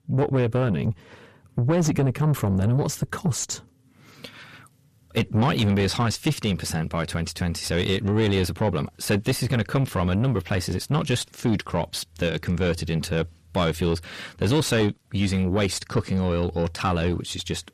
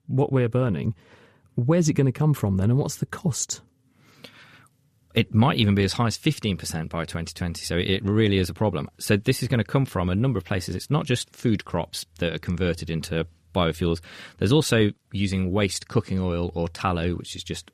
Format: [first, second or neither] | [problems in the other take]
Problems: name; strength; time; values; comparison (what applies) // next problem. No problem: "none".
second | distortion; slight; 9 dB below the speech